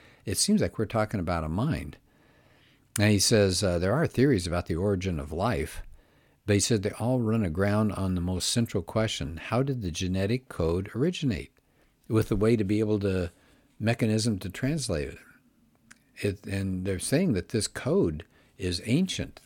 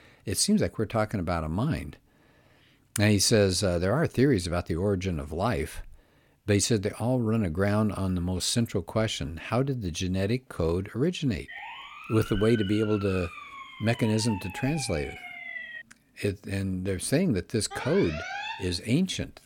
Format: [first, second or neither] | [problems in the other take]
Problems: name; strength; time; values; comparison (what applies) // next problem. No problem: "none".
first | siren; noticeable; from 11 to 16 s; peak 9 dB below the speech // alarm; noticeable; from 18 to 19 s; peak 6 dB below the speech